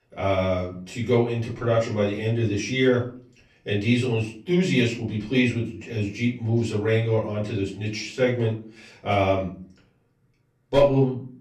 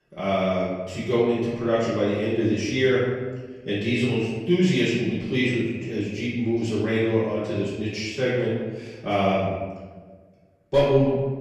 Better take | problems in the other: first | room echo; strong; dies away in 1.2 s; slight in the first // off-mic speech; far; far in the first

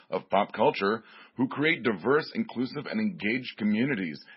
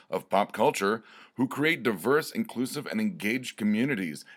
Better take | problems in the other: second | garbled, watery; badly; nothing above 5.5 kHz

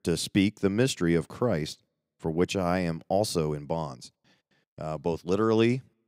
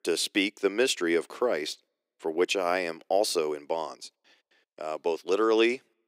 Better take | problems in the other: first | thin; somewhat; fading below 350 Hz

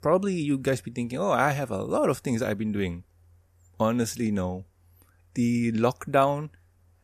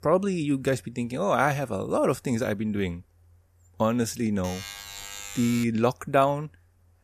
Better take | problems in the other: first | alarm; faint; from 4.5 to 5.5 s; peak 10 dB below the speech

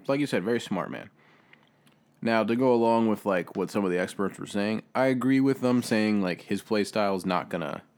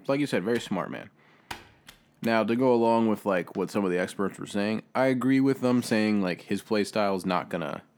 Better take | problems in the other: first | keyboard typing; faint; from 0.5 to 2.5 s; peak 15 dB below the speech

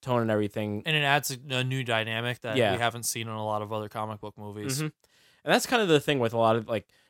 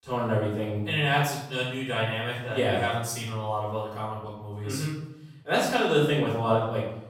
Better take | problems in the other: first | off-mic speech; far // room echo; noticeable; dies away in 0.8 s

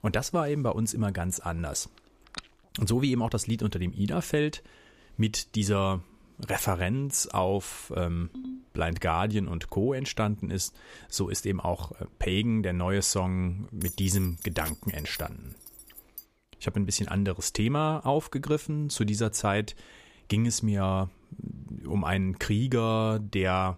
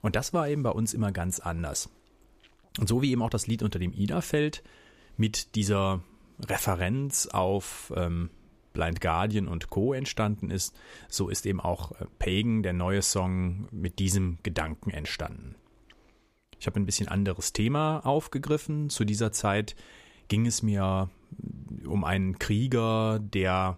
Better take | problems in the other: second | phone ringing; very faint; at 2.5 s; peak 15 dB below the speech // phone ringing; faint; at 8.5 s; peak 10 dB below the speech // jangling keys; noticeable; from 14 to 16 s; peak 8 dB below the speech

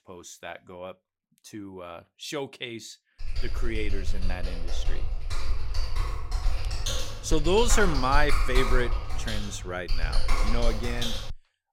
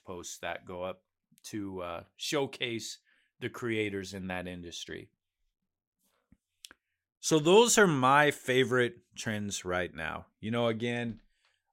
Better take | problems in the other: second | keyboard typing; loud; from 3 s on; peak 3 dB above the speech

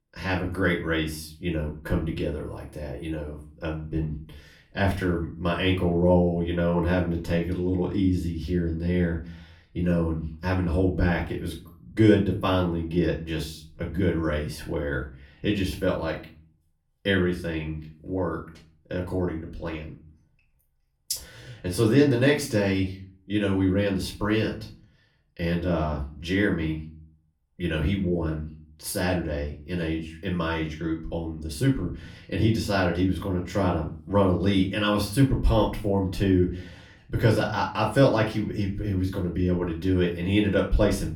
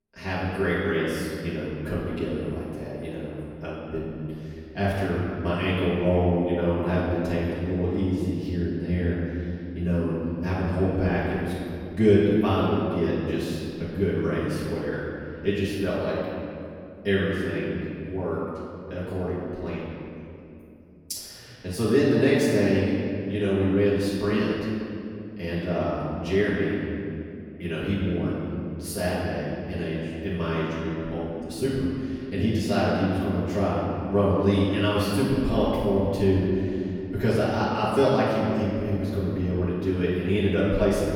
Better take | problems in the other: first | room echo; strong; dies away in 2.6 s; slight in the first // off-mic speech; far; far in the first

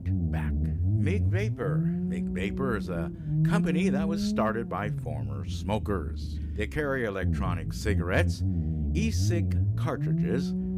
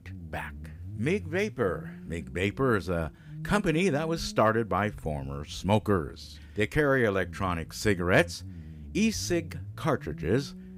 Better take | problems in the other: second | low rumble; loud; throughout; 6 dB below the speech; faint in the second

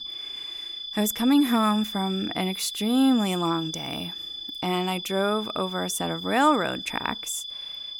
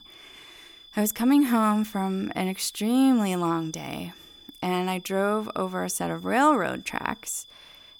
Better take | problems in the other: second | high-pitched whine; loud; throughout; 3.5 kHz, 8 dB below the speech; faint in the second

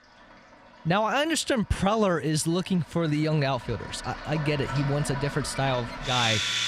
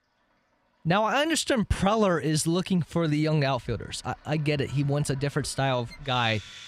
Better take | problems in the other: second | household noises; loud; throughout; 6 dB below the speech; faint in the second

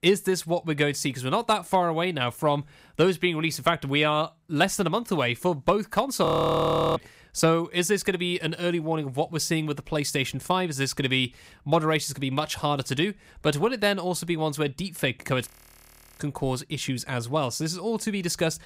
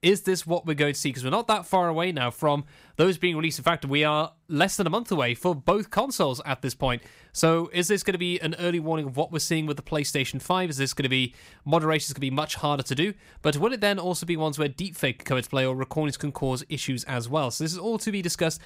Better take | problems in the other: second | audio freezing; at 6.5 s for 0.5 s and at 15 s for 0.5 s

